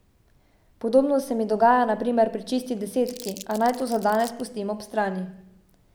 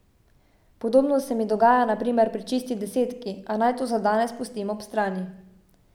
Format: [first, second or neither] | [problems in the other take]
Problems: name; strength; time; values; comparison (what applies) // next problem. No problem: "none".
second | background sound (Crumpling, crinkling); 19 dB below the speech